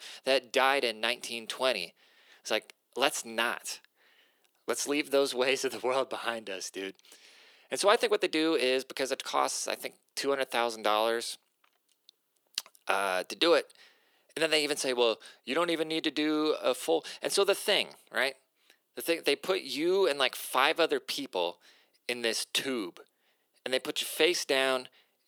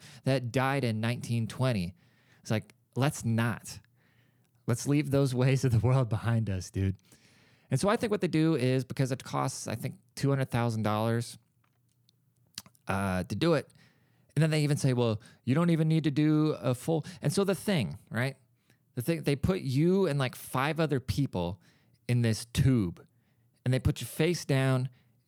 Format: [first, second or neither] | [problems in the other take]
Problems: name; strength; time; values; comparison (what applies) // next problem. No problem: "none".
second | thin; very; fading below 350 Hz